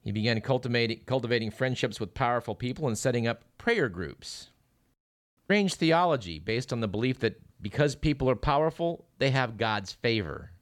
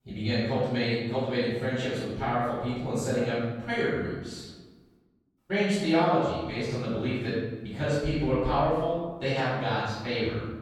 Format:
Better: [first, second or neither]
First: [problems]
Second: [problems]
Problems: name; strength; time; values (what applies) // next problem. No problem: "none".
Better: first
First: none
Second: off-mic speech; far // room echo; strong; dies away in 1.1 s